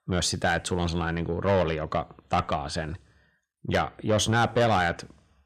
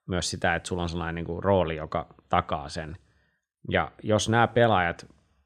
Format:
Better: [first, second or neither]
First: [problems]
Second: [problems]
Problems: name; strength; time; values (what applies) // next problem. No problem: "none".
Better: second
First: distortion; heavy; 8 dB below the speech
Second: none